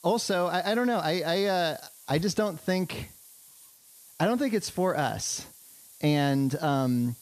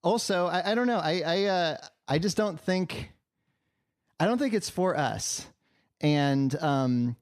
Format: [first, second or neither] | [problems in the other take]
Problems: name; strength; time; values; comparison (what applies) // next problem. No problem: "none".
second | hiss; faint; throughout; 20 dB below the speech